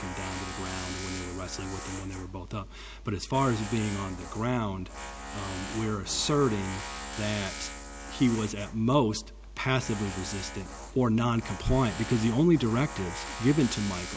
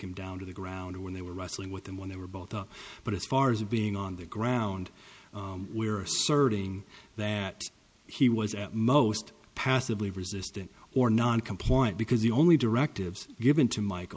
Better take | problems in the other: second | background sound (Tools); 10 dB below the speech

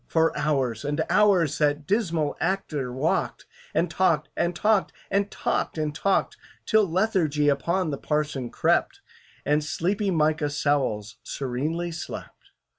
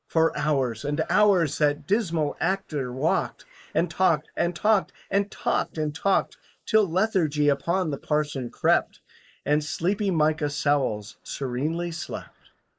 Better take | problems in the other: first | noise reduction (neural mask model Resemble Enhance denoiser)

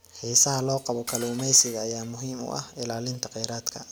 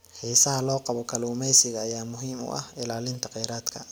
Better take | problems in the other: second | background sound (Cutlery, silverware); 16 dB below the speech

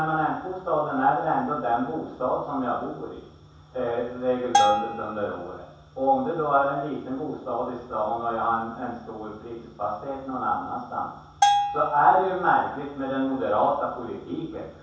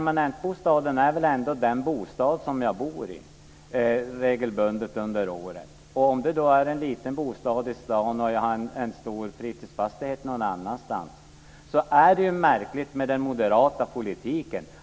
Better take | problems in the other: second | background sound (Bell); as loud as the speech // room echo; dies away in 0.7 s

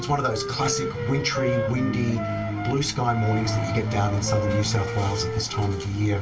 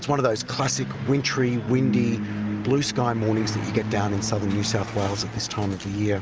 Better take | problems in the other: second | background sound (Wind instrument, woodwind instrument); 7 dB below the speech // room echo; dies away in 0.2 s

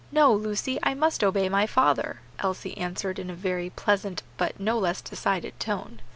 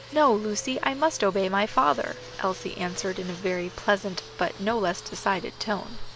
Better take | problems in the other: first | background sound (Fixed-wing aircraft, airplane); 17 dB below the speech

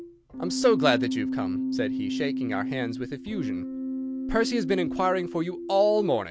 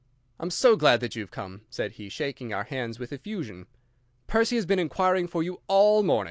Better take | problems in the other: second | background sound (Keyboard (musical)); 3 dB below the speech

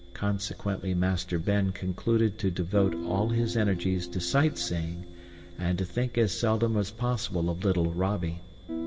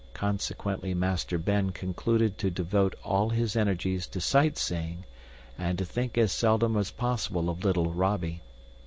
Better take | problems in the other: second | background sound (Guitar); 14 dB below the speech // room echo; dies away in 2.4 s

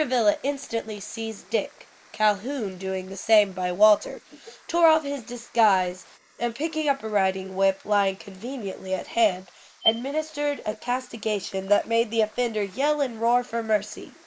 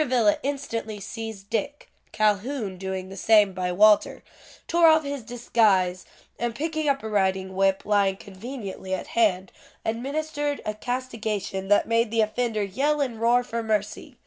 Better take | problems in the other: second | noise reduction (neural mask model Resemble Enhance denoiser)

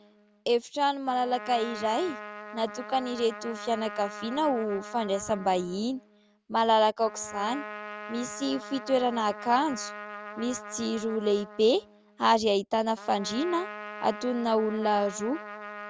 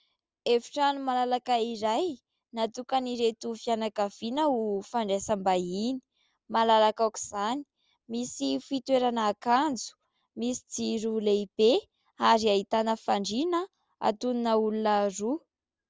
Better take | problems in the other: second | background sound (Trumpet); 13 dB below the speech

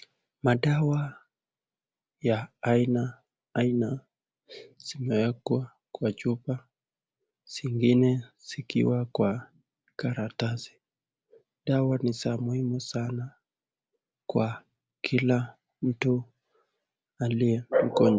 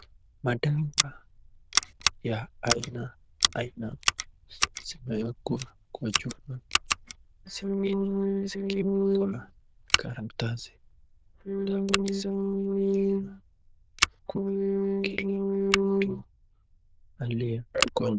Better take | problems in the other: first | noise reduction (neural diffusion model UNIVERSE++)

